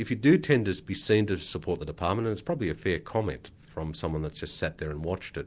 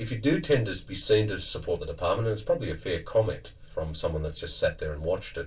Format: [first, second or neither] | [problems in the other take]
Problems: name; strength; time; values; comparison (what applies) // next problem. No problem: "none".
first | room echo; dies away in 0.2 s